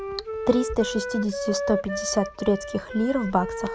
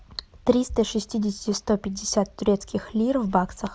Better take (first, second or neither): second